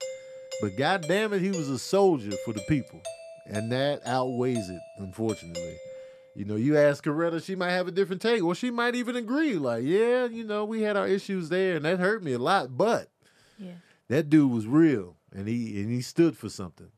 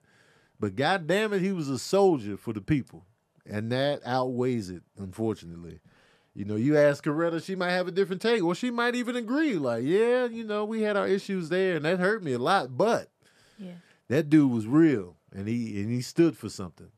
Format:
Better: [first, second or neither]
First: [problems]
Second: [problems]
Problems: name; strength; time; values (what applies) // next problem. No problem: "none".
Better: second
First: doorbell; faint; until 6 s; peak 10 dB below the speech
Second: none